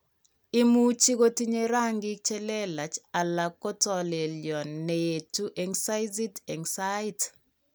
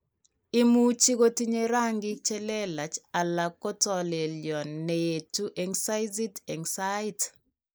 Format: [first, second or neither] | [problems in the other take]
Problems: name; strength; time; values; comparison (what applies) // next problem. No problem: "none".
first | noise reduction (neural mask model Resemble Enhance denoiser)